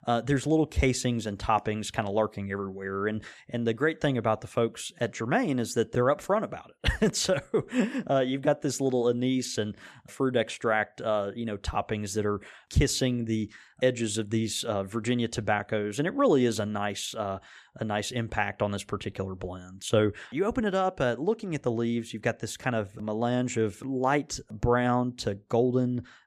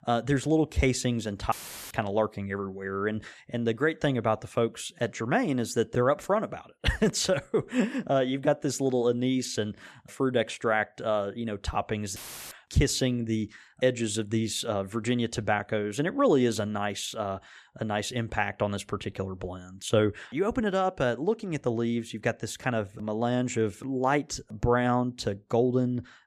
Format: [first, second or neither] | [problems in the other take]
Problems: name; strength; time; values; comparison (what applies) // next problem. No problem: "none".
first | audio cutting out; filled with static; at 1.5 s and at 12 s